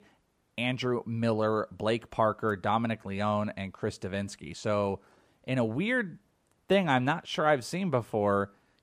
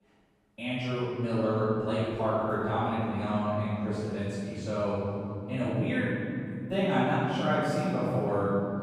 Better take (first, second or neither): first